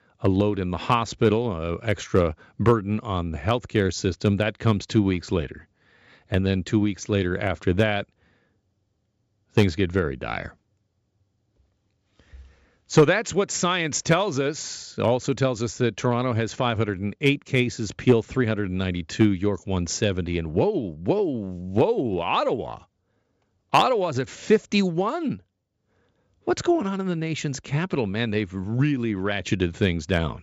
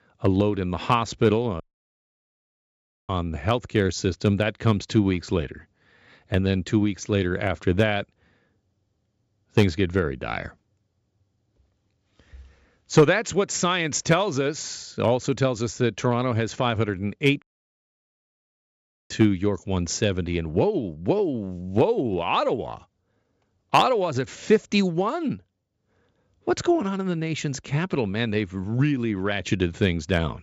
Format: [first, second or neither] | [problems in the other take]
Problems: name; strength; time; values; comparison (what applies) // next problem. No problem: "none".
first | audio cutting out; at 1.5 s for 1.5 s and at 17 s for 1.5 s